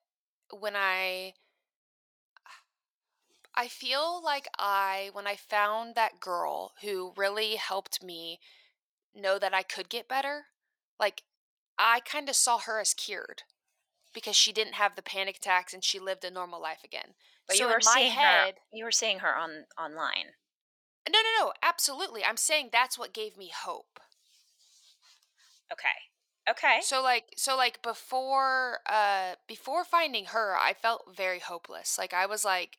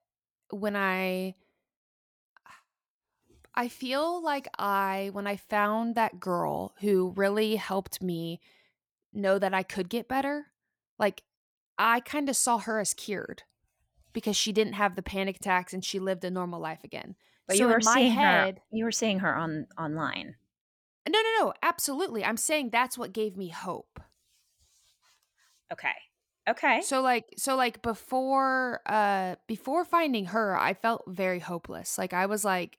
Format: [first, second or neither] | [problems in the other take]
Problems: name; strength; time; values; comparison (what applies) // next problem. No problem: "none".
second | thin; very; fading below 650 Hz